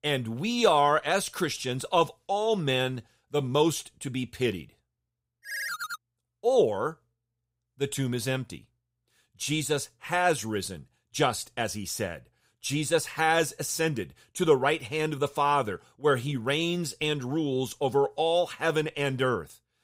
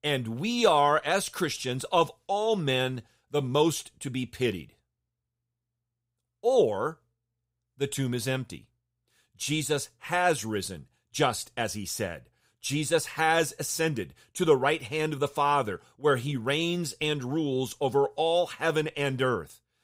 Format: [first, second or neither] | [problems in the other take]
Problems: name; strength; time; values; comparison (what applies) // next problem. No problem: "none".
second | phone ringing; noticeable; at 5.5 s; peak 5 dB below the speech